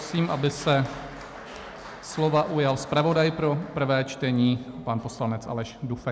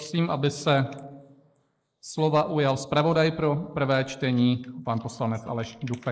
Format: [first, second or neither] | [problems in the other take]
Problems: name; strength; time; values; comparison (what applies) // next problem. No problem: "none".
first | noise reduction (neural mask model Resemble Enhance denoiser)